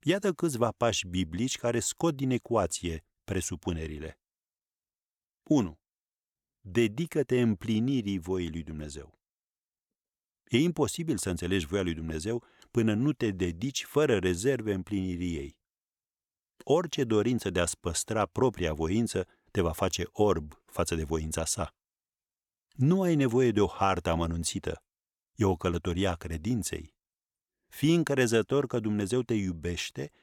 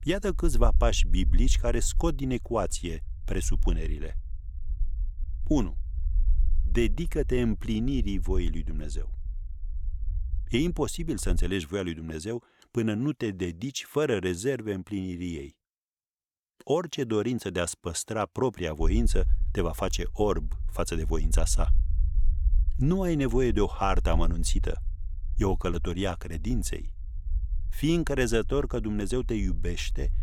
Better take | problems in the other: first | low rumble; faint; until 11 s and from 19 s on; 25 dB below the speech

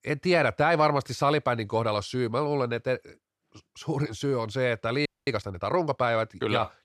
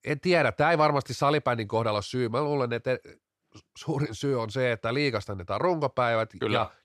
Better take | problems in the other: second | audio freezing; at 5 s

